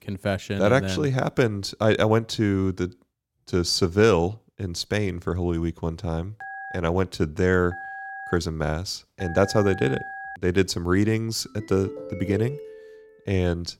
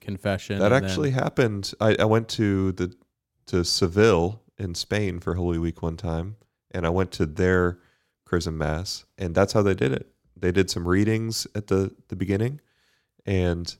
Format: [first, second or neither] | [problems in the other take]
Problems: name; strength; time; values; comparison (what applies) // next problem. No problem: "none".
second | phone ringing; faint; from 6.5 to 10 s; peak 10 dB below the speech // phone ringing; noticeable; from 12 to 13 s; peak 9 dB below the speech